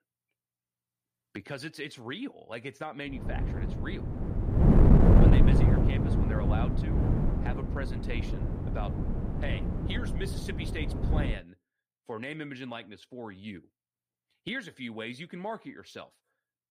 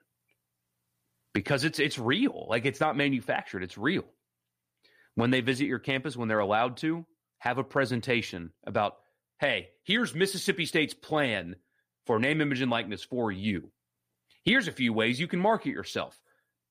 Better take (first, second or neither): second